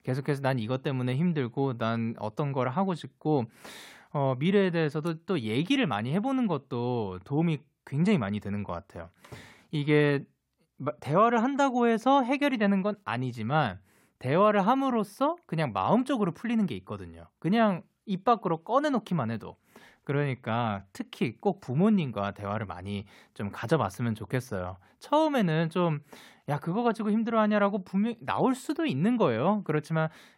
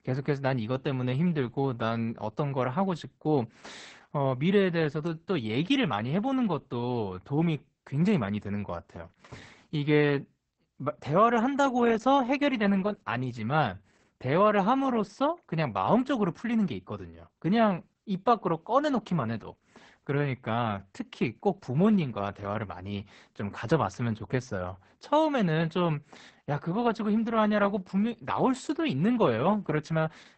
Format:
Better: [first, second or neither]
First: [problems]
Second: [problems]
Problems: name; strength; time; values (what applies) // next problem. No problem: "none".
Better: first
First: none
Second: garbled, watery; badly; nothing above 8 kHz